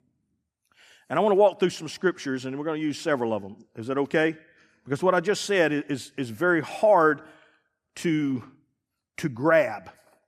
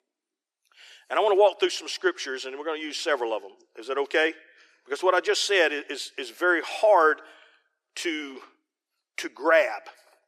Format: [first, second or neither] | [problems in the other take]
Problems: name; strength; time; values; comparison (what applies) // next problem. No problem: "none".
first | thin; very; fading below 350 Hz